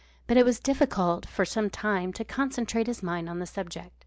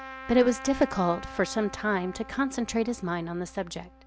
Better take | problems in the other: first | background sound (Trumpet); 16 dB below the speech

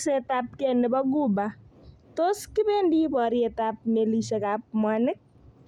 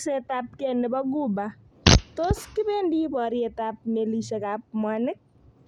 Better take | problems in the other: first | background sound (Fart); 4 dB above the speech

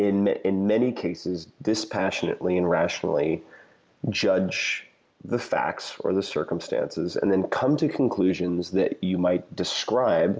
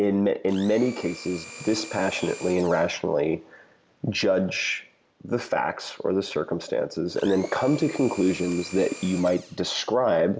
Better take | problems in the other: first | background sound (Domestic sounds, home sounds); 17 dB below the speech

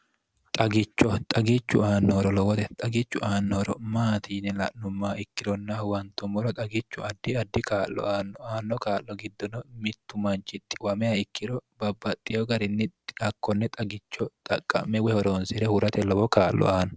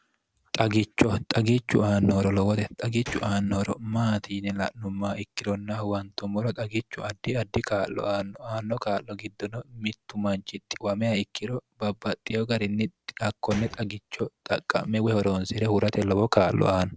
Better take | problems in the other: first | background sound (Gunshot, gunfire); 18 dB below the speech

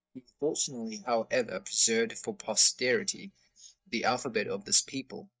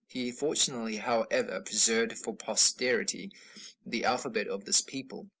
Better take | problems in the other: second | noise reduction (neural mask model DeepFilterNet 3)

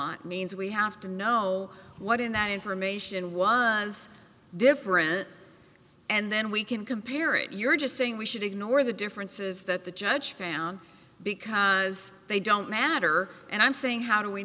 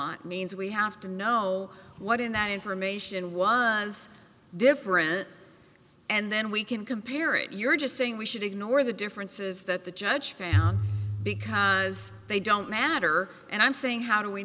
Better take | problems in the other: first | background sound (Bowed string instrument); 2 dB below the speech

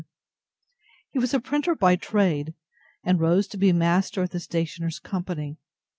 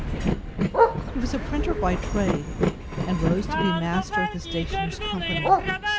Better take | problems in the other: first | background sound (Bark + Train); 5 dB above the speech

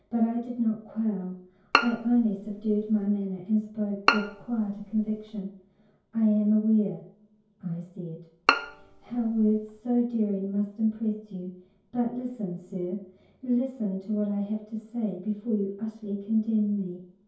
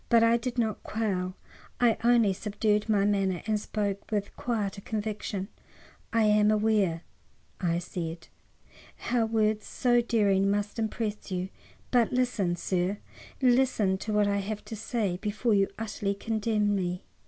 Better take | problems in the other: second | background sound (Bowed string instrument); 2 dB below the speech // room echo; dies away in 0.6 s

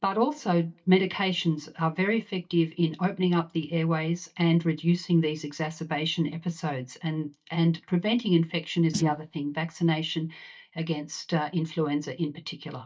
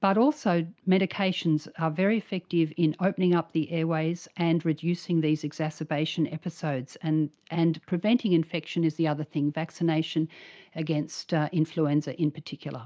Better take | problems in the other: second | noise reduction (neural mask model DeepFilterNet 3)

